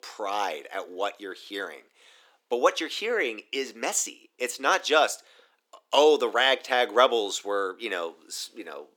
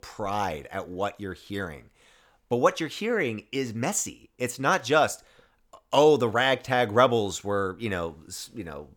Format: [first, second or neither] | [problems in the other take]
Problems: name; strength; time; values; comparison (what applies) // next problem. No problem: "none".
second | thin; somewhat; fading below 300 Hz